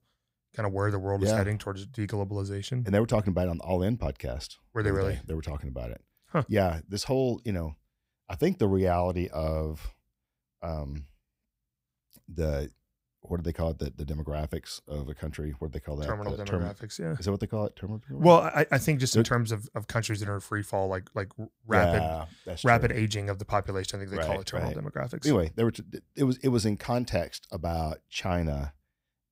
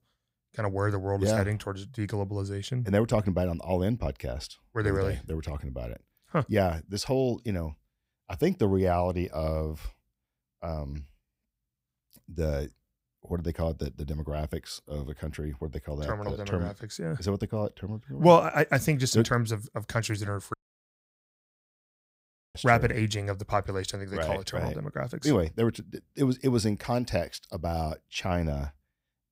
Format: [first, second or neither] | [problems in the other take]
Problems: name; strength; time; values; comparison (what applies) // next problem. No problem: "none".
first | audio cutting out; at 21 s for 2 s